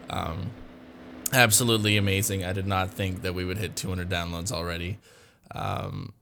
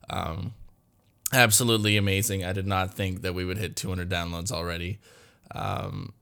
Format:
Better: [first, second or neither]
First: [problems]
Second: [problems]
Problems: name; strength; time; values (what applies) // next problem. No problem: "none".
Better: second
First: traffic noise; faint; throughout; 20 dB below the speech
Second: none